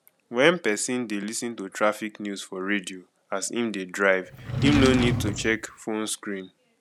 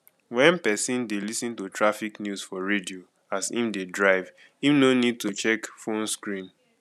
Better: second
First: background sound (Drawer open or close); as loud as the speech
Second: none

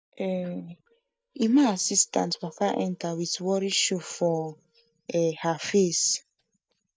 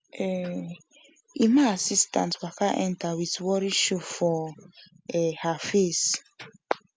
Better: second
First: noise reduction (neural mask model DeepFilterNet 3)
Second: none

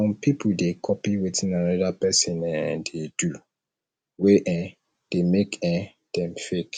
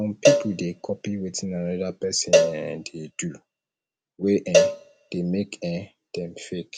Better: first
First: none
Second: background sound (Cowbell); 3 dB above the speech

